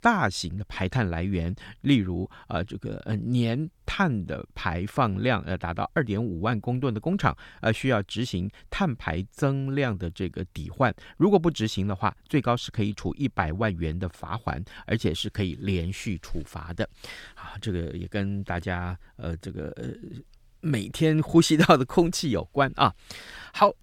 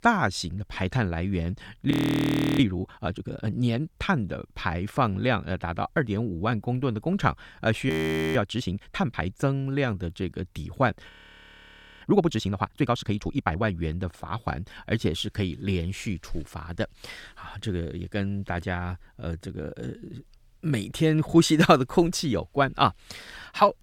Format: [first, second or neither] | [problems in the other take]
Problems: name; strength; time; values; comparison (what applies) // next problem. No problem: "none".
first | audio freezing; at 2 s for 0.5 s, at 8 s and at 11 s for 1 s